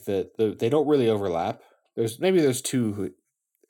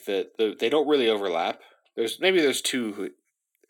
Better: first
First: none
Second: thin; very slightly; fading below 250 Hz

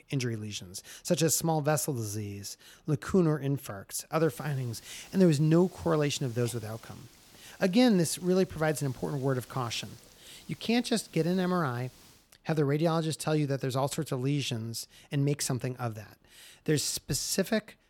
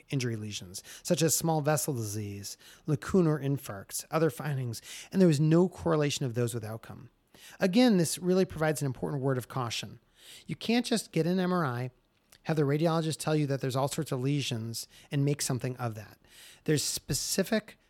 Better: second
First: hiss; faint; from 4 to 12 s; 25 dB below the speech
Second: none

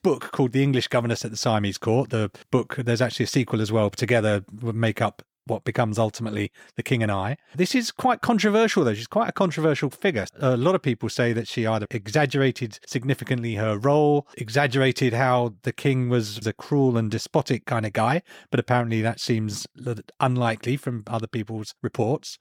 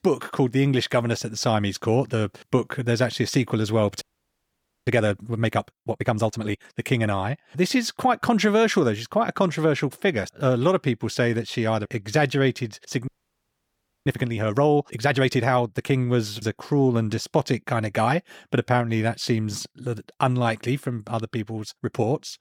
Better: first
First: none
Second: audio freezing; at 4 s for 1 s and at 13 s for 1 s

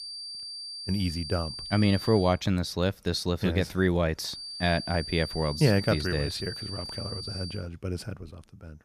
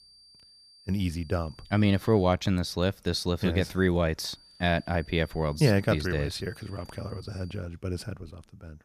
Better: second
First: high-pitched whine; loud; until 2.5 s and from 4.5 to 7.5 s; 4.5 kHz, 8 dB below the speech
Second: high-pitched whine; faint; until 2.5 s and from 4.5 to 7.5 s; 4.5 kHz, 25 dB below the speech

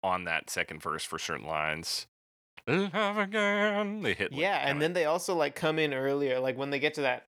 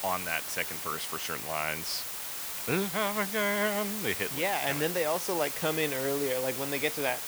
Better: first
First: none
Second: hiss; loud; throughout; 3 dB below the speech

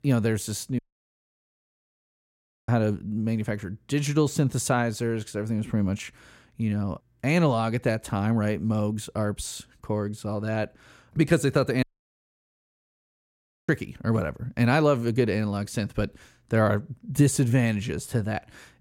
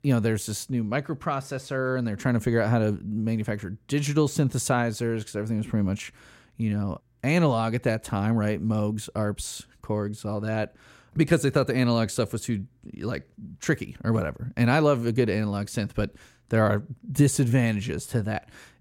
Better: second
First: audio cutting out; at 1 s for 2 s and at 12 s for 2 s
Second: none

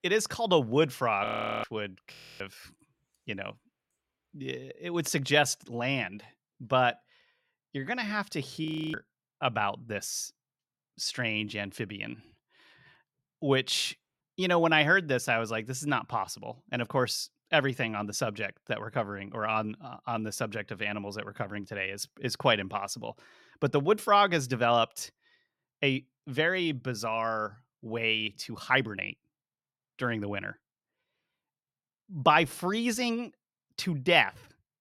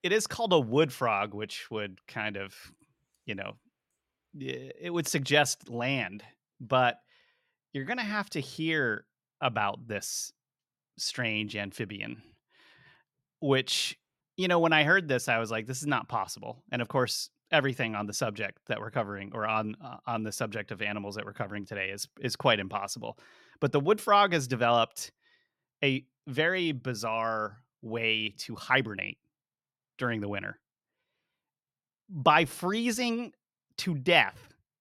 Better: second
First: audio freezing; at 1.5 s, at 2 s and at 8.5 s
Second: none

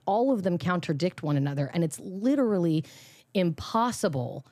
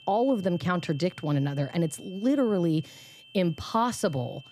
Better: first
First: none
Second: high-pitched whine; faint; throughout; 3 kHz, 20 dB below the speech

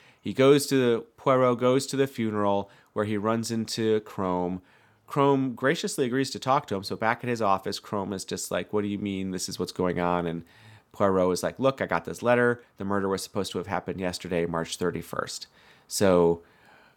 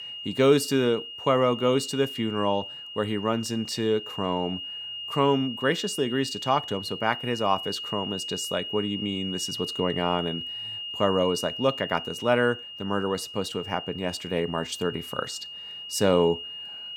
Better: first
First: none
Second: high-pitched whine; loud; throughout; 3 kHz, 8 dB below the speech

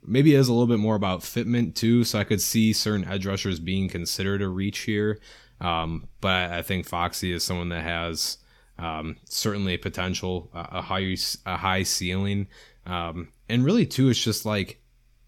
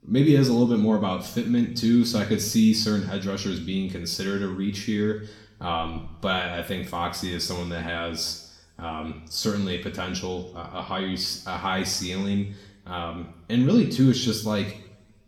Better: first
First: none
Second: room echo; slight; dies away in 0.7 s // off-mic speech; somewhat distant

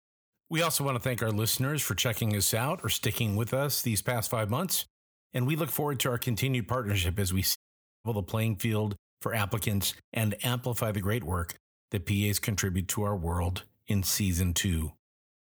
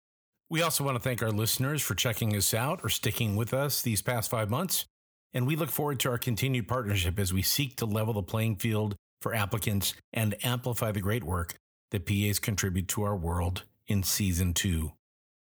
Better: second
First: audio cutting out; at 7.5 s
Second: none

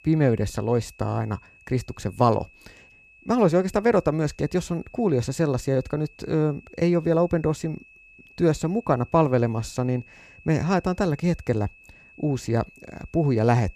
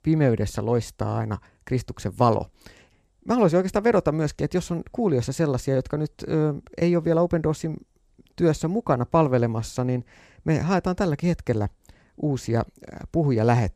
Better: second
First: high-pitched whine; faint; throughout; 2.5 kHz, 25 dB below the speech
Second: none

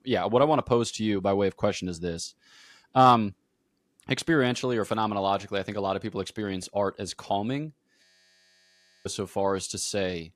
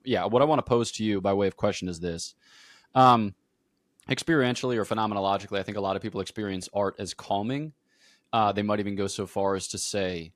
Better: second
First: audio freezing; at 8 s for 1 s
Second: none

